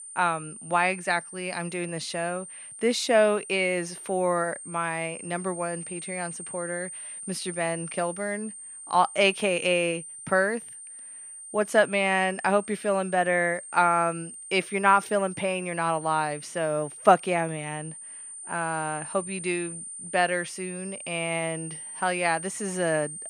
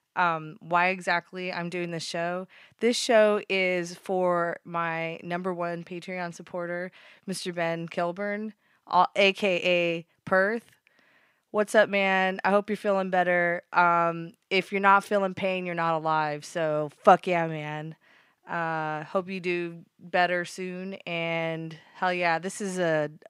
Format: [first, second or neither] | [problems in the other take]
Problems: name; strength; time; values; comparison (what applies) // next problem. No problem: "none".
second | high-pitched whine; noticeable; throughout; 9 kHz, 10 dB below the speech